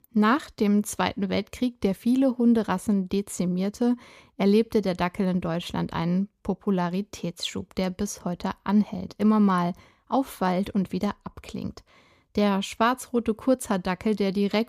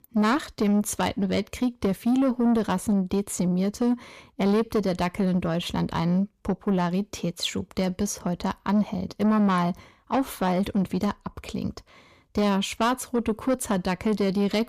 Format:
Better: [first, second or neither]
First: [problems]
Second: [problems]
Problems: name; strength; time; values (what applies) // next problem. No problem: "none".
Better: first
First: none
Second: distortion; slight; 10 dB below the speech